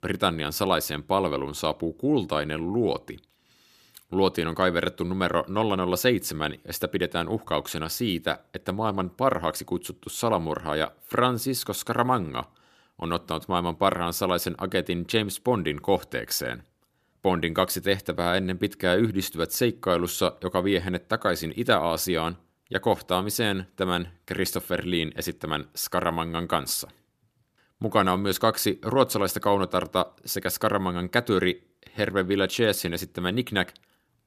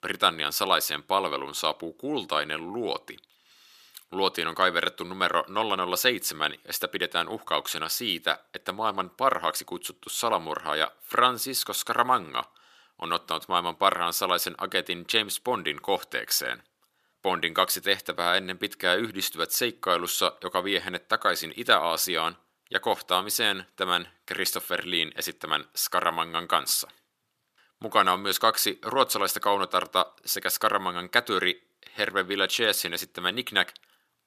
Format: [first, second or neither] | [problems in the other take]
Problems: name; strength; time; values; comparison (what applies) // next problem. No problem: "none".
first | thin; somewhat; fading below 950 Hz